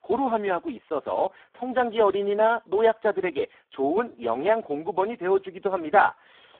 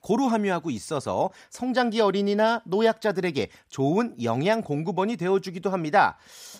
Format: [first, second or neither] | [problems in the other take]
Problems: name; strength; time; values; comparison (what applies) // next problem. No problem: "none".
second | phone-call audio; poor line